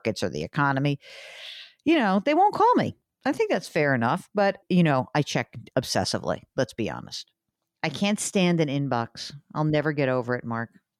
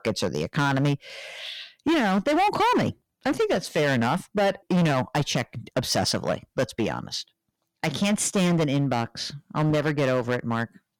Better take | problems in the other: first | distortion; heavy; 13% of the sound clipped

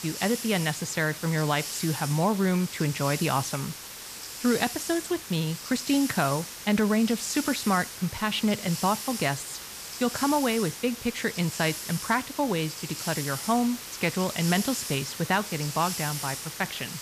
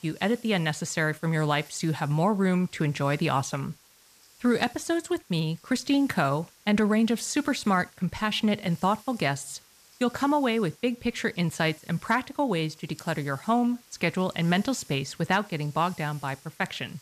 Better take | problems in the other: second | hiss; loud; throughout; 7 dB below the speech; faint in the second

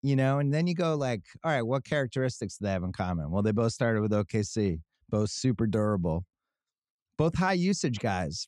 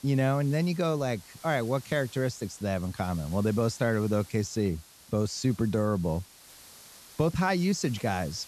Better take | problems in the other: first | hiss; faint; throughout; 20 dB below the speech

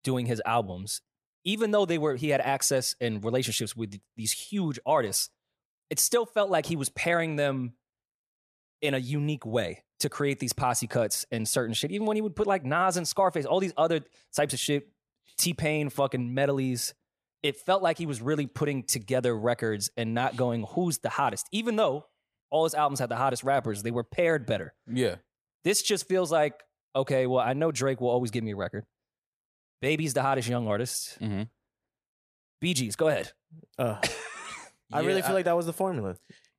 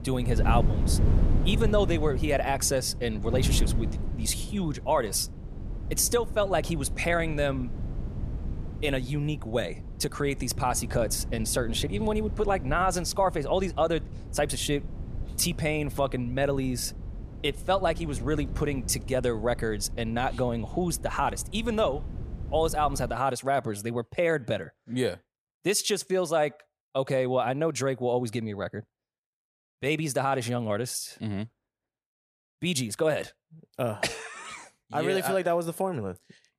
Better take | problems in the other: first | wind noise on the microphone; occasional gusts; until 23 s; 15 dB below the speech

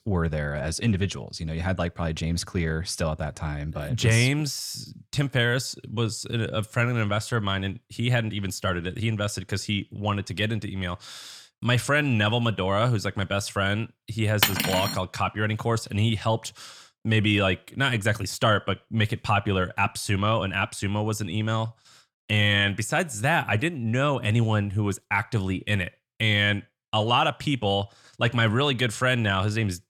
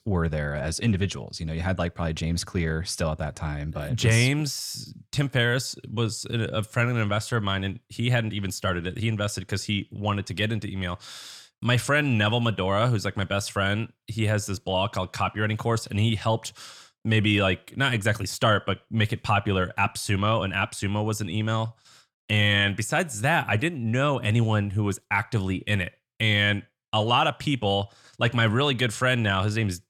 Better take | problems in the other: second | clattering dishes; loud; at 14 s; peak 3 dB above the speech

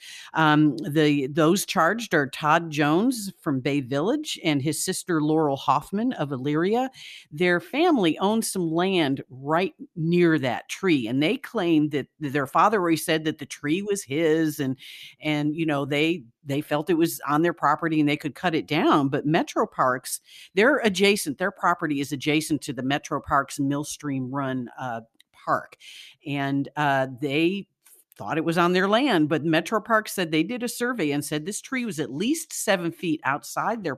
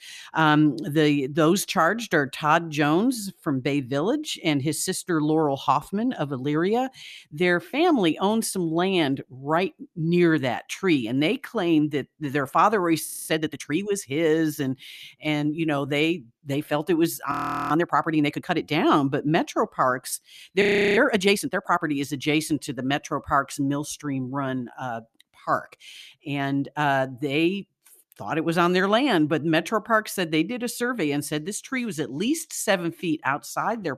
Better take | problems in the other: first | audio freezing; at 13 s, at 17 s and at 21 s

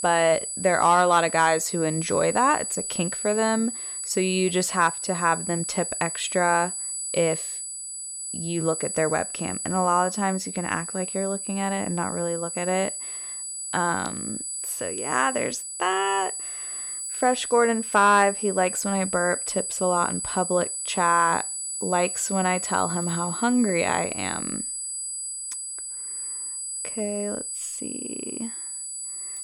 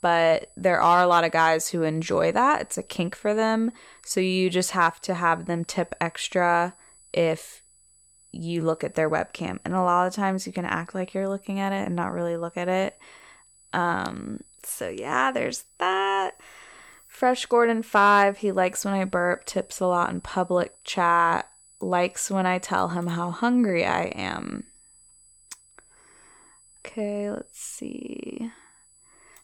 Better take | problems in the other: second | high-pitched whine; loud; throughout; 8 kHz, 5 dB below the speech; faint in the second

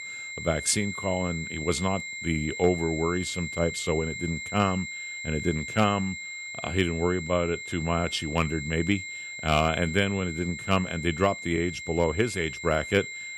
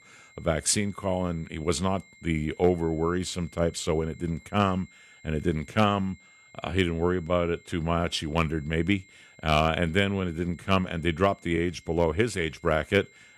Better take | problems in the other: second | high-pitched whine; loud; throughout; 2 kHz, 7 dB below the speech; faint in the second

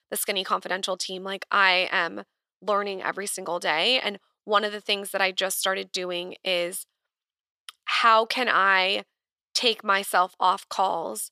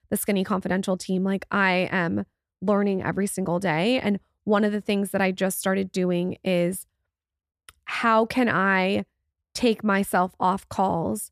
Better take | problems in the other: second | thin; very; fading below 500 Hz

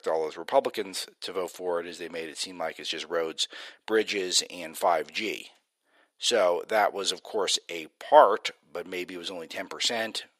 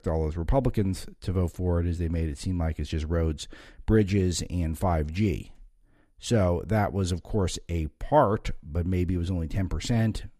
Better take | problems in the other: second | thin; very; fading below 500 Hz

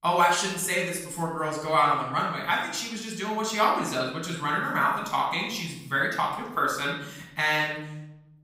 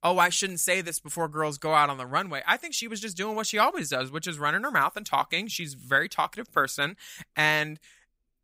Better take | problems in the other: second | off-mic speech; far // room echo; noticeable; dies away in 0.9 s

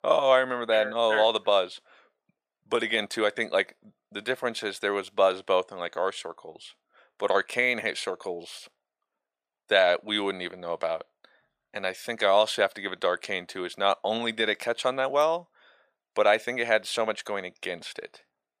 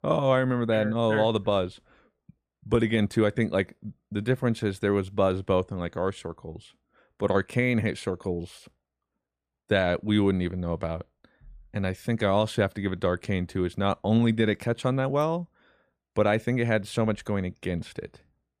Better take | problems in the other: second | thin; very; fading below 550 Hz

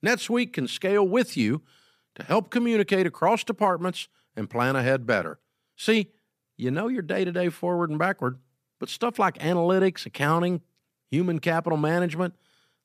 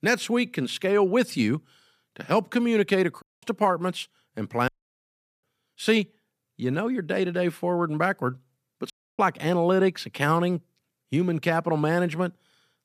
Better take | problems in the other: first | audio cutting out; at 3 s, at 4.5 s for 1 s and at 9 s

